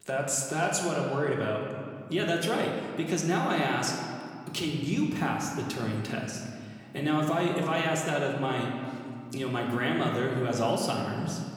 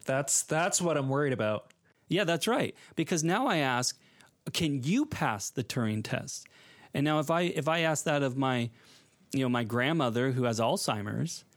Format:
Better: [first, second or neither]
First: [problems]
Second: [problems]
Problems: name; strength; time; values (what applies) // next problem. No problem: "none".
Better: second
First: room echo; noticeable; dies away in 1.9 s // off-mic speech; somewhat distant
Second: none